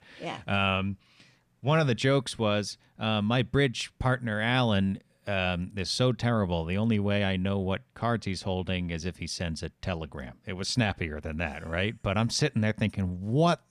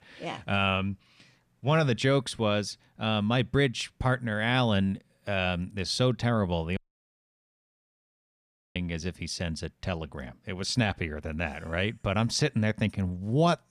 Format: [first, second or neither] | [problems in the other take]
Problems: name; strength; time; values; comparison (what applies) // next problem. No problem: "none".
first | audio cutting out; at 7 s for 2 s